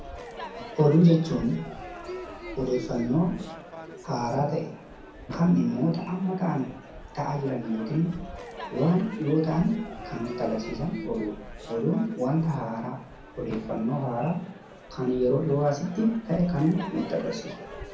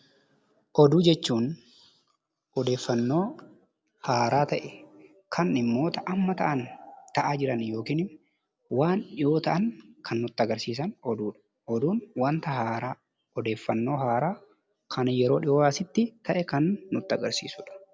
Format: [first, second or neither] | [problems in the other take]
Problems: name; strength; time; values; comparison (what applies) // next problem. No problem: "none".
second | background sound (Crowd / Fireworks); 13 dB below the speech // room echo; dies away in 0.6 s